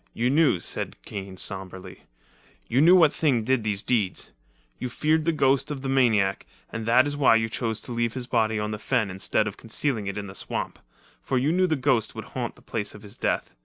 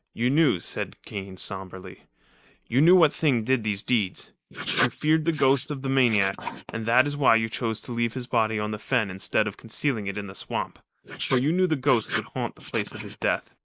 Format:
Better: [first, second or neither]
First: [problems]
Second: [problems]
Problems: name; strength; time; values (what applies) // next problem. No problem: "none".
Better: first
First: none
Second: noise reduction (neural mask model Resemble Enhance denoiser)